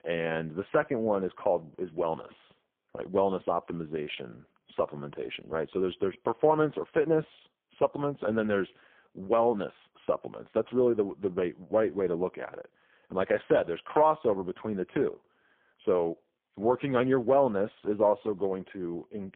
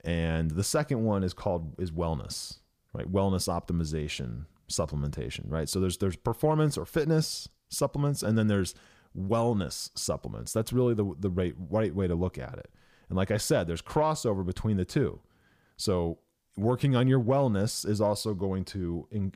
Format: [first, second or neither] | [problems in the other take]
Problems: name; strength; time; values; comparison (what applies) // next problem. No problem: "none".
second | phone-call audio; poor line; nothing above 3.5 kHz